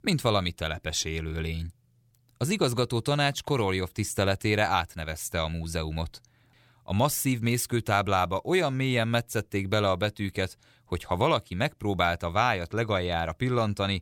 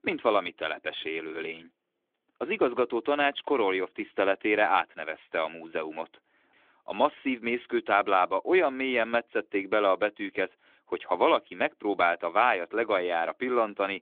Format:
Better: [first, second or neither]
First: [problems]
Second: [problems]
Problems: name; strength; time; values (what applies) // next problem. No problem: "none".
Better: first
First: none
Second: phone-call audio; nothing above 3.5 kHz